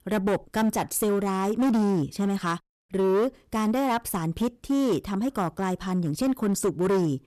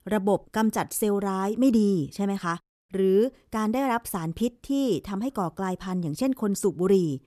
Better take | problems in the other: second | distortion; slight; 14% of the sound clipped

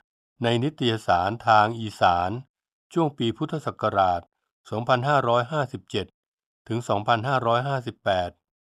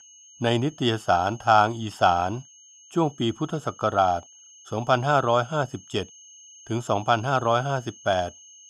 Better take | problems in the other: first | high-pitched whine; faint; throughout; 6.5 kHz, 25 dB below the speech

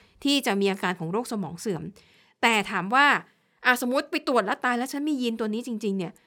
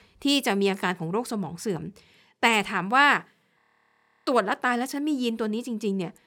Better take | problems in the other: first | audio freezing; at 3.5 s for 0.5 s

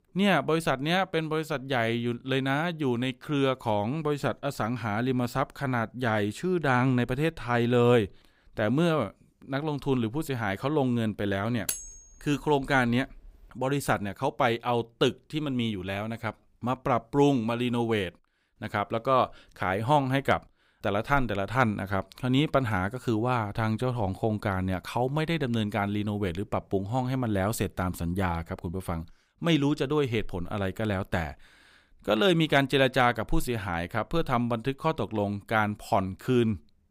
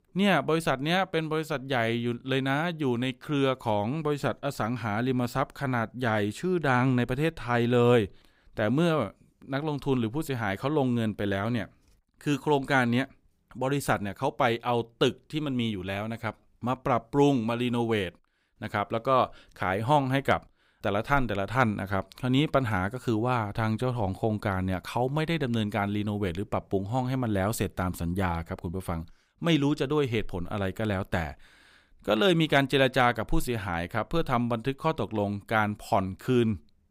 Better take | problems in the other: second | clattering dishes; noticeable; from 12 to 13 s; peak 5 dB below the speech

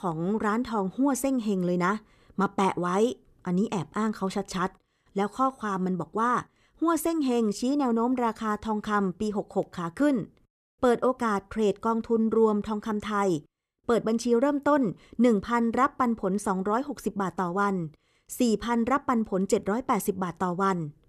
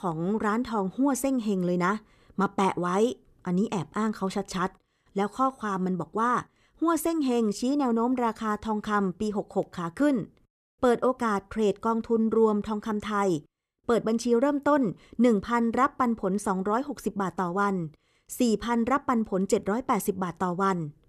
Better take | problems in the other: neither | none

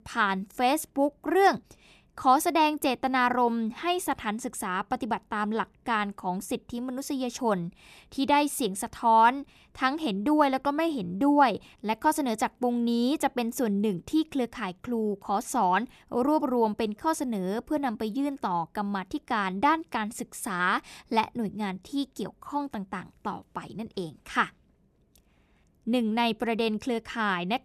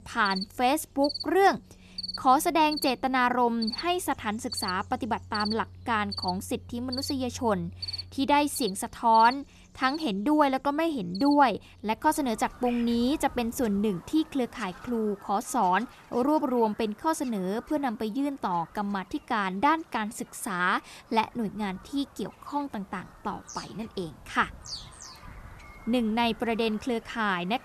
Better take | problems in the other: first | animal sounds; noticeable; throughout; 15 dB below the speech

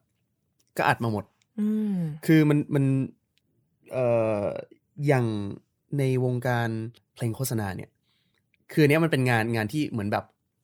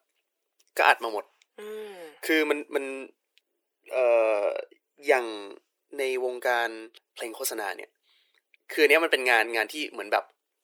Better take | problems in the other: first | thin; very; fading below 400 Hz

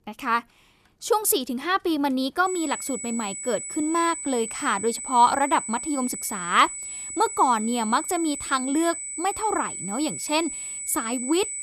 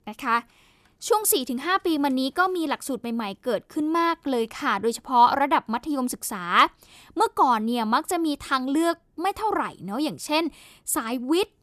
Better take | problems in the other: second | high-pitched whine; loud; from 2.5 s on; 8 kHz, 7 dB below the speech

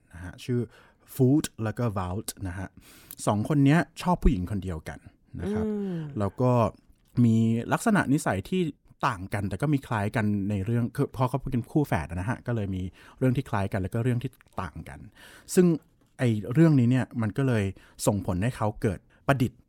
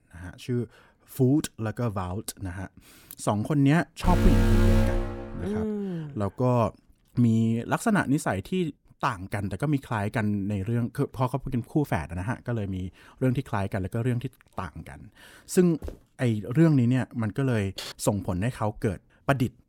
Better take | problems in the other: first | alarm; loud; from 4 to 5.5 s; peak 5 dB above the speech // footsteps; faint; at 16 s; peak 15 dB below the speech // keyboard typing; faint; at 18 s; peak 10 dB below the speech

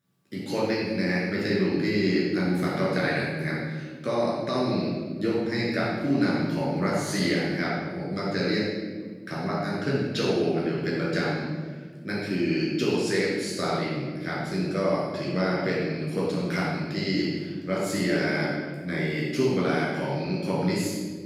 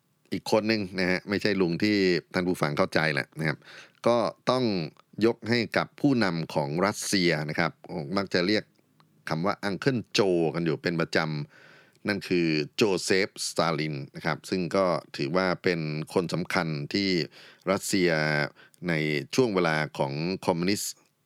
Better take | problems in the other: second | off-mic speech; far // room echo; strong; dies away in 1.5 s

